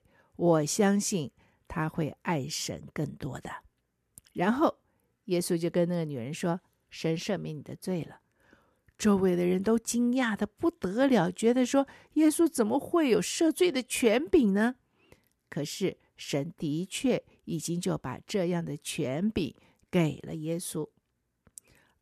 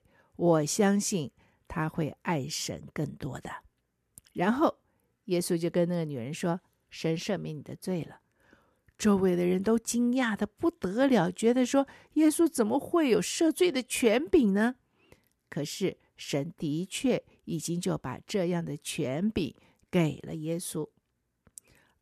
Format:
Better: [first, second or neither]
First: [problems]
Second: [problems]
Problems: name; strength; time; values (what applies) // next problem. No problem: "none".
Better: neither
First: none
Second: none